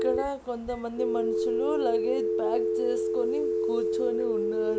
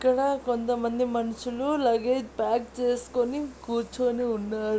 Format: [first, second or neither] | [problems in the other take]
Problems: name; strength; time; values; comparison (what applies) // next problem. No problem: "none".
second | background sound (Telephone); 5 dB above the speech